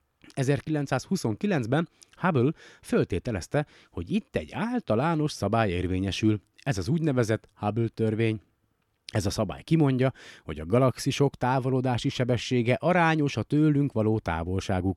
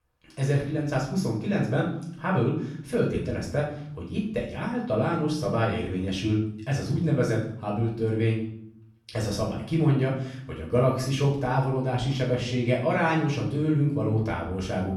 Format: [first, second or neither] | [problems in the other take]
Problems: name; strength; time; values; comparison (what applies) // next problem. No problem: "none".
first | off-mic speech; far // room echo; noticeable; dies away in 0.6 s